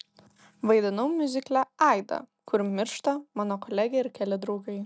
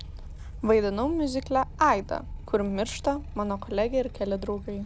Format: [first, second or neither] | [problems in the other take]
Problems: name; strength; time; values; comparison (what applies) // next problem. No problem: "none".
first | background sound (Motorcycle); 12 dB below the speech